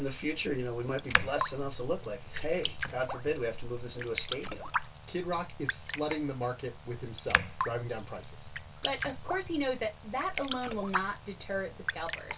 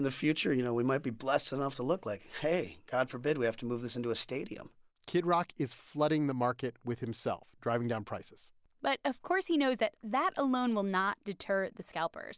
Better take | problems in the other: second | background sound (Raindrop); 3 dB below the speech // room echo; dies away in 0.2 s

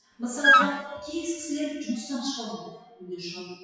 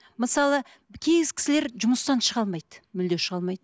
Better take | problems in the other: second | noise reduction (classical method WPE with log-MMSE)

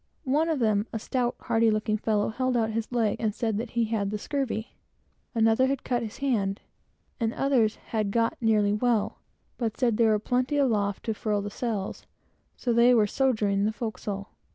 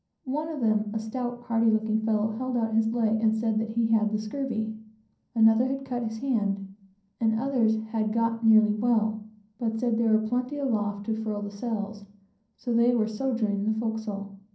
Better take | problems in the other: first | room echo; dies away in 0.6 s

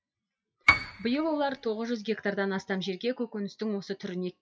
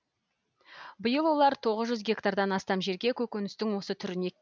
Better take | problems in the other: second | noise reduction (classical method WPE with log-MMSE)

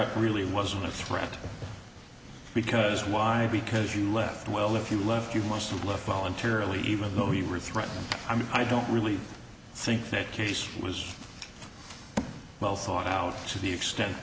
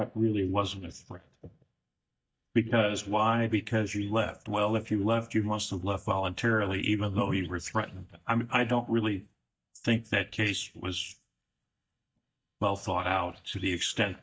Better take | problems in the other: first | noise reduction (neural mask model DeepFilterNet 3)

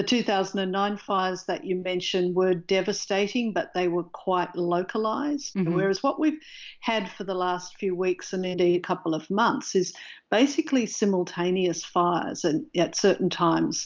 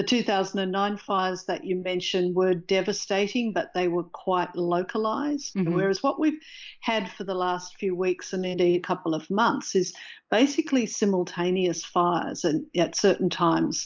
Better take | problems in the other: first | noise reduction (neural mask model Resemble Enhance denoiser)

